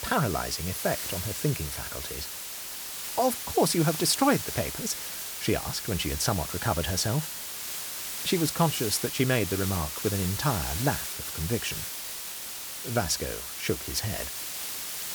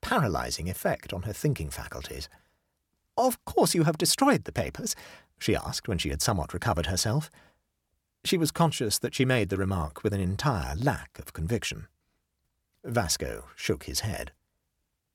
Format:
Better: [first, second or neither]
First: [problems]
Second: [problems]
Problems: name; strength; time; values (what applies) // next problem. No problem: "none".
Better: second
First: hiss; loud; throughout; 4 dB below the speech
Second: none